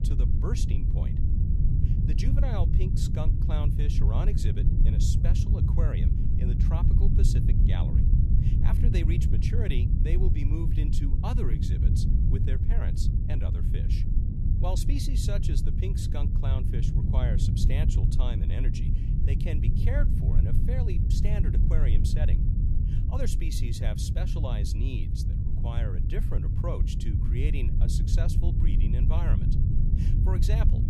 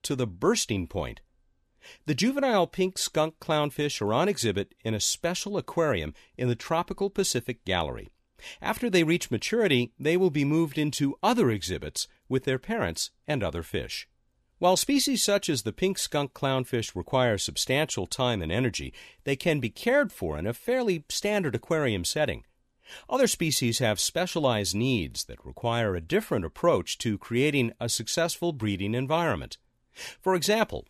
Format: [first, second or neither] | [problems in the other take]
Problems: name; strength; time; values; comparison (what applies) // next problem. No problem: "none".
second | low rumble; loud; throughout; as loud as the speech